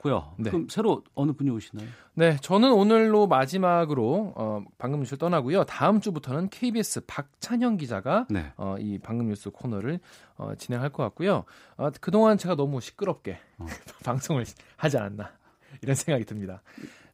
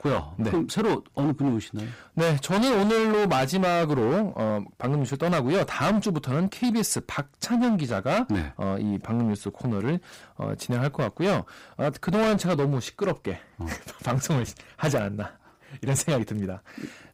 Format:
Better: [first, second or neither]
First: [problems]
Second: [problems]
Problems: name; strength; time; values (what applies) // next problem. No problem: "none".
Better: first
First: none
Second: distortion; heavy; 16% of the sound clipped